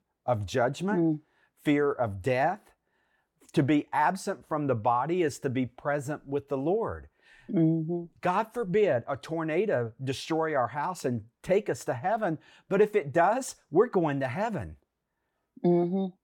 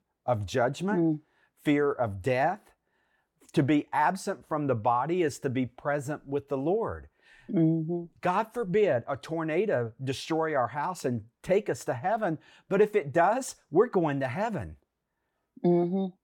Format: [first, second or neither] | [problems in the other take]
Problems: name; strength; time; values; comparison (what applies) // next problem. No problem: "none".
neither | none